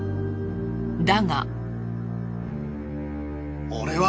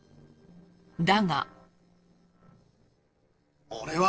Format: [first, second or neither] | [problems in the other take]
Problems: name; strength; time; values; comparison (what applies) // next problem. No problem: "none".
first | noise reduction (neural separator model SepFormer DNS4)